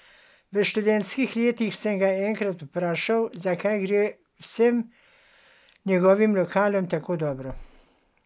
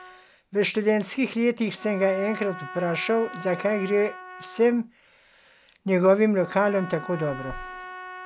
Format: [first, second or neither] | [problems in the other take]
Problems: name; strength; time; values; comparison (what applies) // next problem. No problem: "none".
first | background sound (Trumpet); 16 dB below the speech